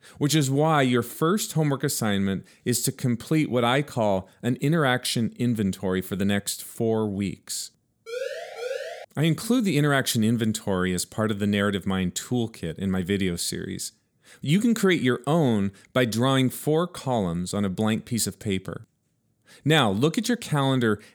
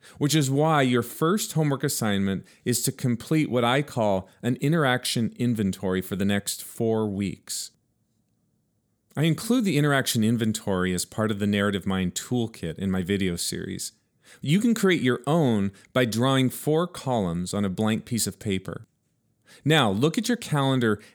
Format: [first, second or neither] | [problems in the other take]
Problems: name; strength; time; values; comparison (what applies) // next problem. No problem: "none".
second | siren; noticeable; at 8 s; peak 8 dB below the speech